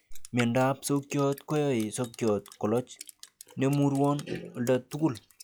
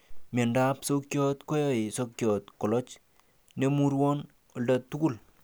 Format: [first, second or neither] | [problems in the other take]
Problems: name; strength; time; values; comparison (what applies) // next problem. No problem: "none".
second | noise reduction (classical method log-MMSE)